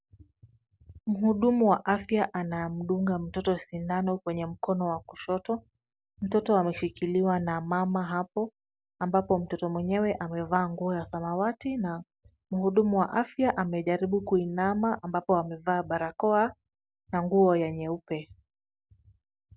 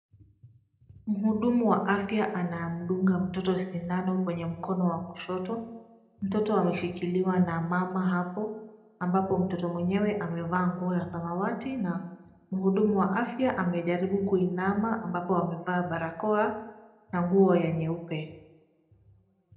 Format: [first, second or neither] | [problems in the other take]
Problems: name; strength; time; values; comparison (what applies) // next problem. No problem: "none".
first | room echo; dies away in 0.8 s